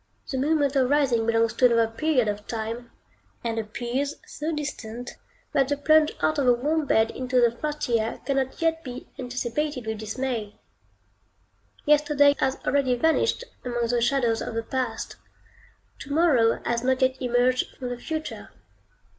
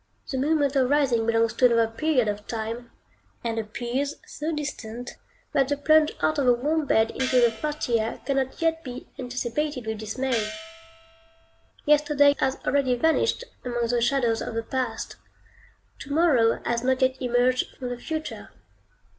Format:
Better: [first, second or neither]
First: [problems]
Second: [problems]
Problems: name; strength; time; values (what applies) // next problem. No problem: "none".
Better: first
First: none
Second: background sound (Gong); 12 dB below the speech